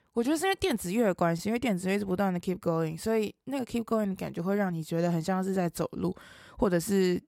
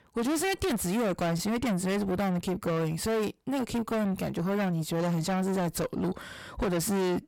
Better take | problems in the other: first | distortion; heavy; 6 dB below the speech

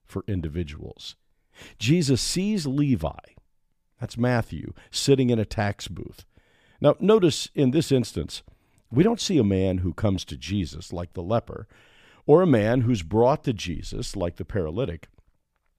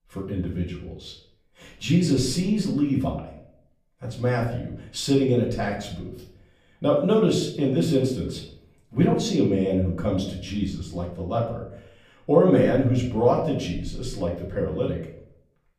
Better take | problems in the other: first | room echo; slight; dies away in 0.5 s // off-mic speech; far

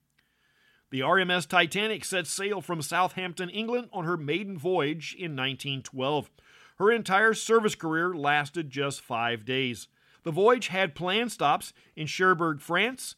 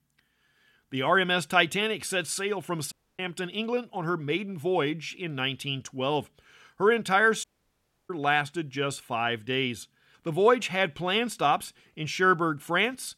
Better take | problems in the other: first | audio cutting out; at 3 s and at 7.5 s for 0.5 s

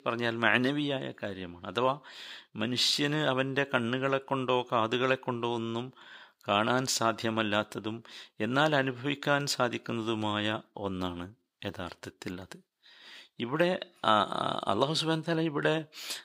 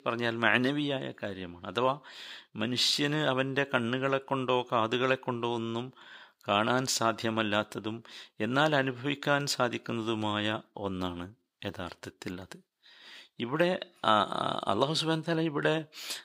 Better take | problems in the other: neither | thin; somewhat; fading below 750 Hz; the same in both

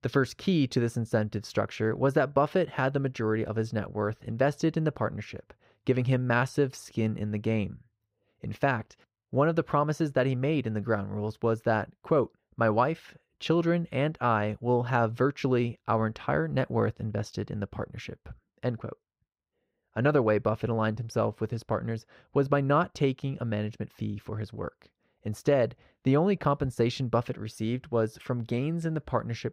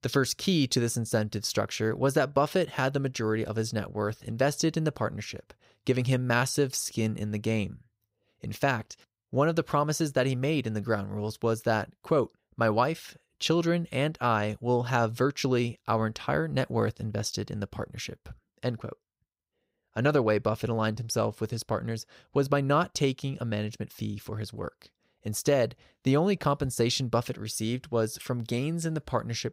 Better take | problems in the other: second | muffled; slightly; fading above 3.5 kHz

